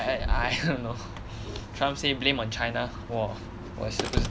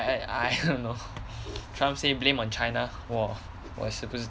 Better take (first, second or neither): second